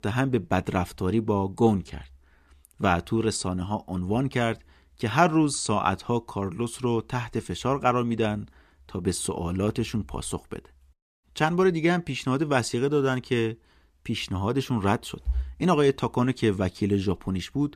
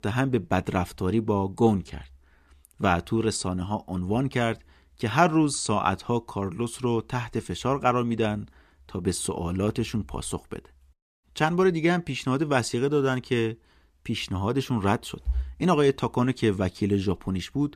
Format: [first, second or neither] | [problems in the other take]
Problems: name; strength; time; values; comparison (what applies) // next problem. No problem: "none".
neither | none